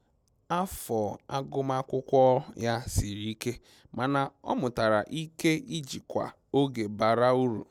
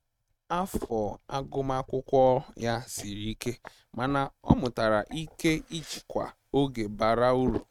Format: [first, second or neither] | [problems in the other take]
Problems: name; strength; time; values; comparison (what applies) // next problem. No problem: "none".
first | noise reduction (neural mask model RNNoise)